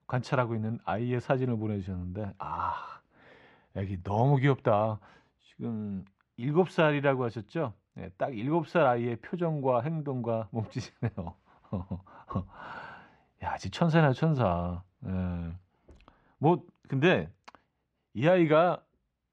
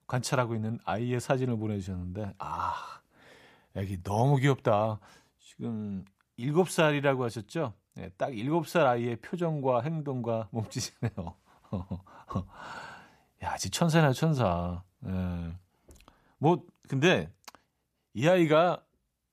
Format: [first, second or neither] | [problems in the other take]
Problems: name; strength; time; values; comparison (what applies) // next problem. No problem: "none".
second | muffled; slightly; fading above 3 kHz